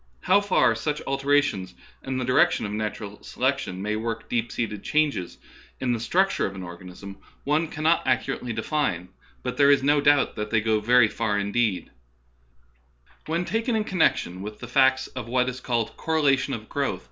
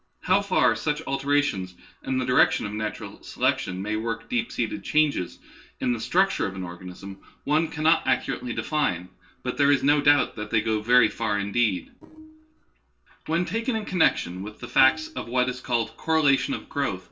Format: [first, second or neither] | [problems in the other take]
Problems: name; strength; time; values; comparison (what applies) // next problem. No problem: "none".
first | noise reduction (neural separator model SepFormer DNS4)